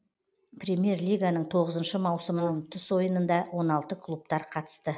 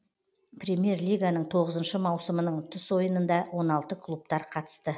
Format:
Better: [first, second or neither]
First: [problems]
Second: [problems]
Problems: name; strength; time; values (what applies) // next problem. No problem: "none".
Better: second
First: noise reduction (neural mask model Resemble Enhance denoiser)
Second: none